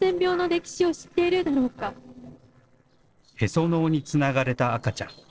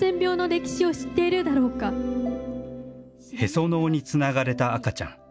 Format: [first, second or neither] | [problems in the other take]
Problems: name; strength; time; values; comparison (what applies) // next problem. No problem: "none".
second | noise reduction (neural separator model SepFormer DNS4)